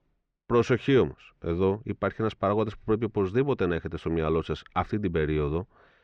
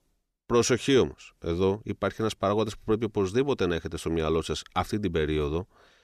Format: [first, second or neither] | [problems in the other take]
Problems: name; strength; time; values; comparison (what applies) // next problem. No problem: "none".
second | muffled; very; fading above 2 kHz